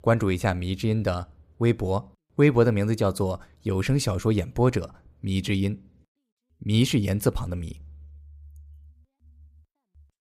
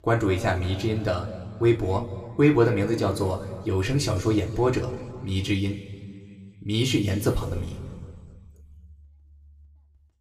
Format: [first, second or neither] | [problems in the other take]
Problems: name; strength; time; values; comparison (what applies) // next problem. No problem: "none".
first | room echo; slight; dies away in 1.7 s // off-mic speech; somewhat distant